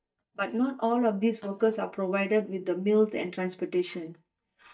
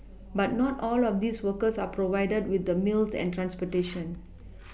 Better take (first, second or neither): second